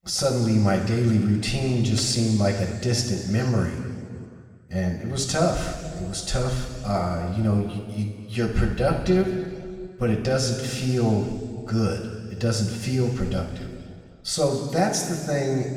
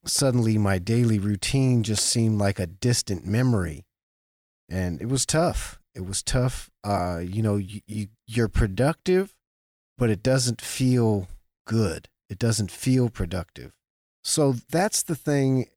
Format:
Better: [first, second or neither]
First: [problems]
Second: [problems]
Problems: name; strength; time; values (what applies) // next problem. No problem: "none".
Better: second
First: room echo; noticeable; dies away in 2.2 s // off-mic speech; somewhat distant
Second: none